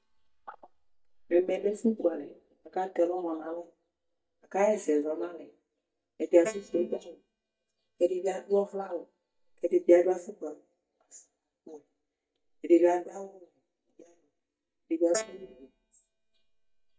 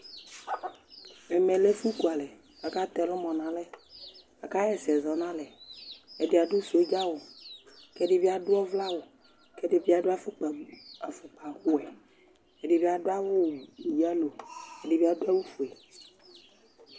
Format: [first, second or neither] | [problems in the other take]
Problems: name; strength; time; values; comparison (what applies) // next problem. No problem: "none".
second | noise reduction (neural mask model DeepFilterNet 3)